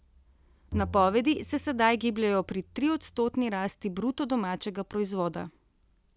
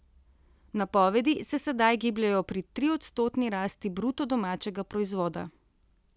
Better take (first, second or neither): second